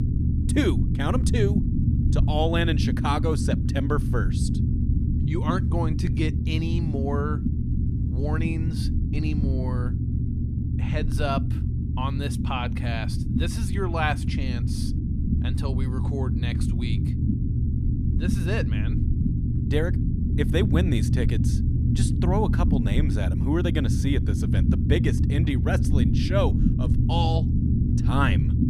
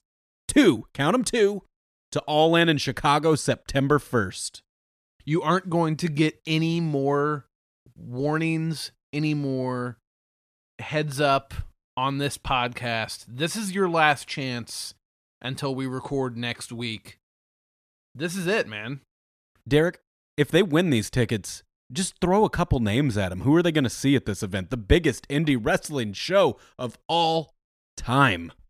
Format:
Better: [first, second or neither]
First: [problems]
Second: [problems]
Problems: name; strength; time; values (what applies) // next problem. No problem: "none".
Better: second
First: low rumble; loud; throughout; 4 dB below the speech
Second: none